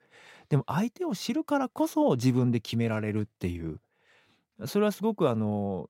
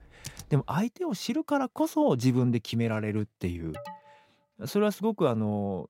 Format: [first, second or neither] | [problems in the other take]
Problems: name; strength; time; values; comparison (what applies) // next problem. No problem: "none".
first | keyboard typing; faint; at the start; peak 15 dB below the speech // alarm; faint; at 3.5 s; peak 15 dB below the speech